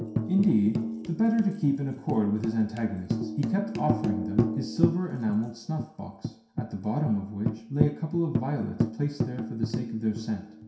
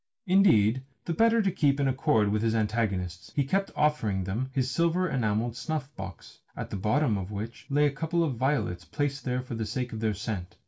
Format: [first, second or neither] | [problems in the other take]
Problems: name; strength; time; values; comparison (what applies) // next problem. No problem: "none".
second | background sound (Tambourine); 3 dB below the speech // room echo; dies away in 0.7 s